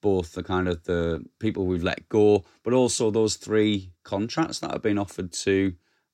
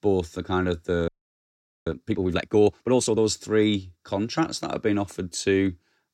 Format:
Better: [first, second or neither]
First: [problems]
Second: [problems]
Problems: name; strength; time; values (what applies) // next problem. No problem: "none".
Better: first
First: none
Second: audio freezing; at 1 s for 1 s